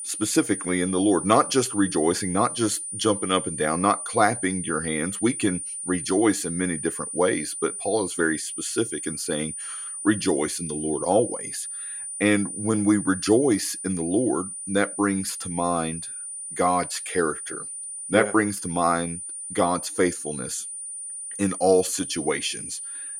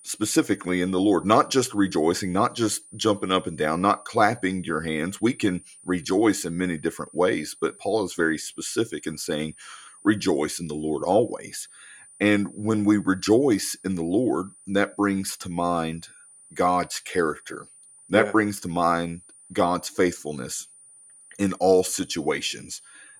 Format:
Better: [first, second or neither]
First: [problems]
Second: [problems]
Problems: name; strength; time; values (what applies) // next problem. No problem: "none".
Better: second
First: high-pitched whine; loud; throughout; 9.5 kHz, 7 dB below the speech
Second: high-pitched whine; faint; throughout; 9.5 kHz, 25 dB below the speech